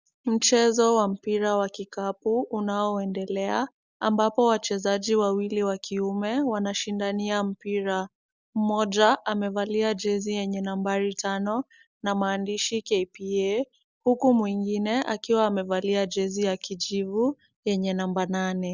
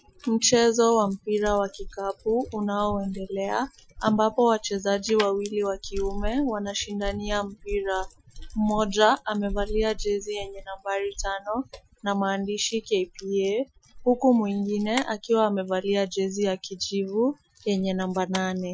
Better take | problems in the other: first | noise reduction (classical method Wiener filter)

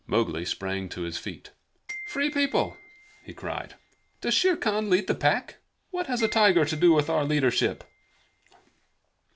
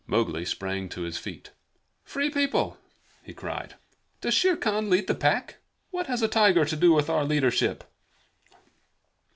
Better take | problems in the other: second | background sound (Glockenspiel); 17 dB below the speech

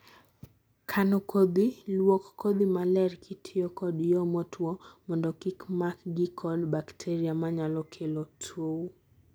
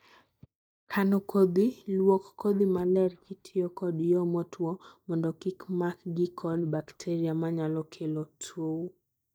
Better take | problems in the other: first | noise reduction (neural mask model DeepFilterNet 3)

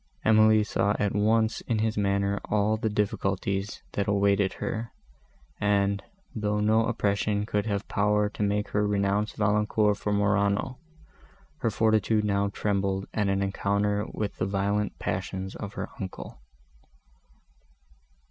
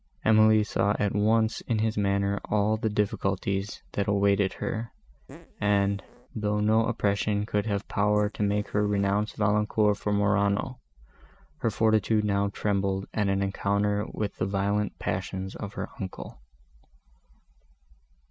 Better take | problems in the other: first | noise reduction (neural mask model Resemble Enhance denoiser)

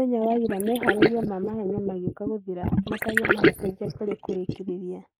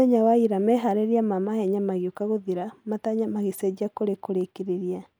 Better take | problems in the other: second | noise reduction (neural mask model Resemble Enhance denoiser)

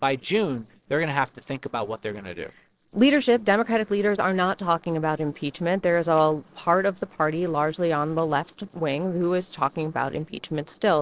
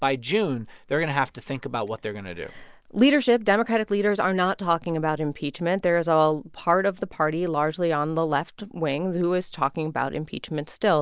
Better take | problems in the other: second | noise reduction (neural separator model SepFormer DNS4)

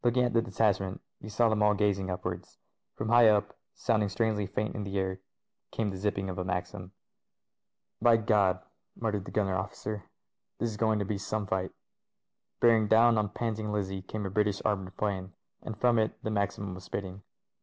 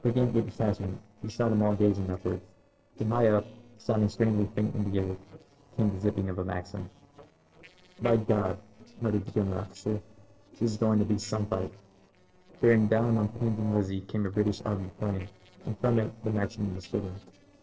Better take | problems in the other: first | noise reduction (neural separator model SepFormer DNS4)

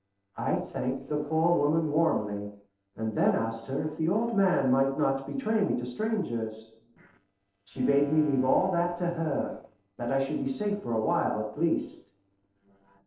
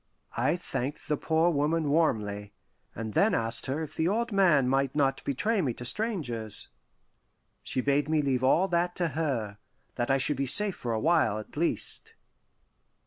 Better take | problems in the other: second | noise reduction (neural separator model SepFormer DNS4)

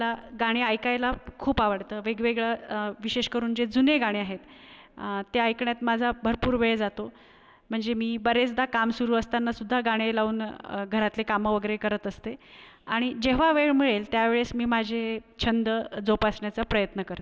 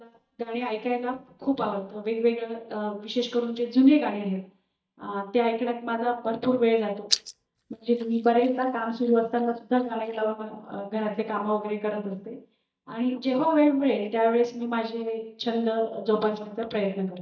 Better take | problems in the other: first | noise reduction (neural mask model DeepFilterNet 3)

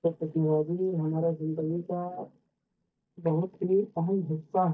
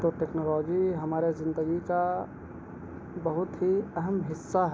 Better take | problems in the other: second | noise reduction (neural mask model DeepFilterNet 3)

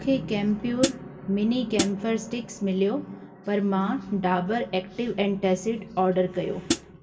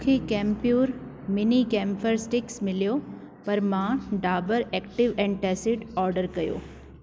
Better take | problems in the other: second | background sound (Hi-hat); 2 dB below the speech // room echo; dies away in 0.2 s

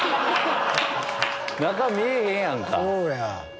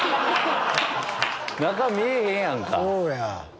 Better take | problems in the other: second | background sound (Wind instrument, woodwind instrument); 13 dB below the speech

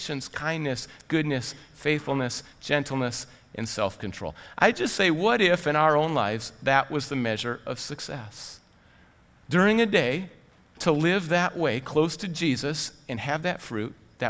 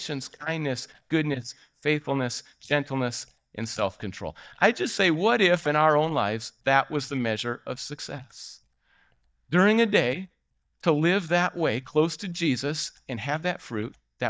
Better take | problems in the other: first | noise reduction (neural mask model DeepFilterNet 3)

